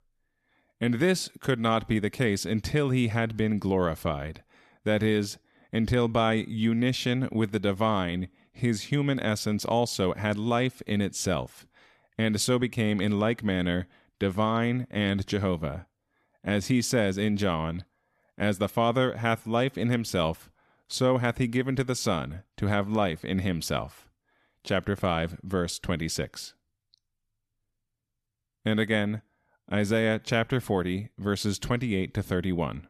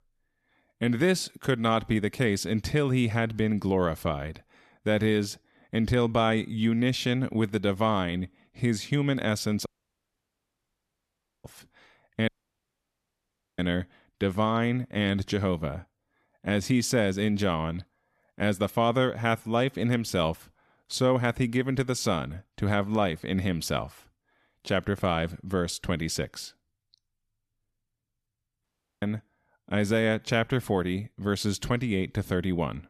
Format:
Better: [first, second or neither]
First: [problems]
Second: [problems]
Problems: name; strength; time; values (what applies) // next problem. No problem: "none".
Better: first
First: none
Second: audio cutting out; at 9.5 s for 2 s, at 12 s for 1.5 s and at 29 s